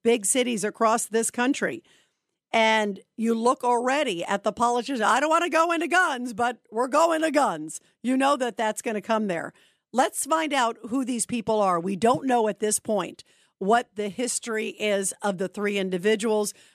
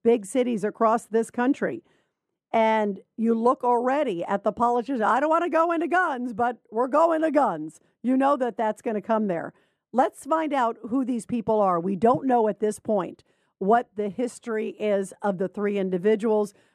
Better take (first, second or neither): first